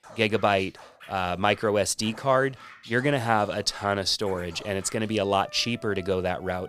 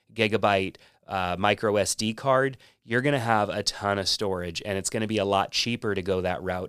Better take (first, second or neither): second